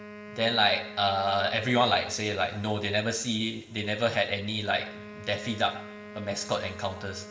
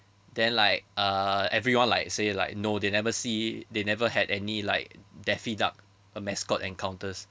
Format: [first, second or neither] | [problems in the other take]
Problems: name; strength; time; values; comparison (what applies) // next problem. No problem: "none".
second | background sound (Wind instrument, woodwind instrument); 16 dB below the speech // room echo; dies away in 1.5 s